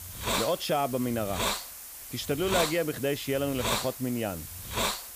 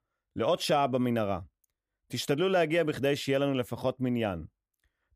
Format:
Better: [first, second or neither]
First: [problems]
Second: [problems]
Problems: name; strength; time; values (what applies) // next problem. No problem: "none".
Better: second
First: hiss; loud; throughout; 2 dB below the speech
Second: none